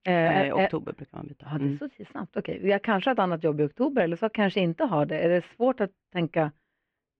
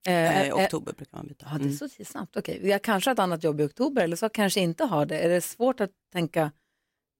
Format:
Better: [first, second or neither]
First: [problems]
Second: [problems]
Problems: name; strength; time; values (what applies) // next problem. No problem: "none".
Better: second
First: muffled; very; fading above 2.5 kHz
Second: none